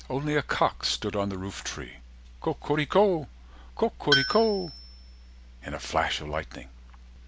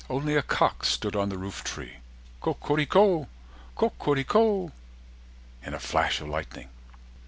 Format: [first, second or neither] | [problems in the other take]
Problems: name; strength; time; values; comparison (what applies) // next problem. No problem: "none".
second | background sound (Tools); 5 dB below the speech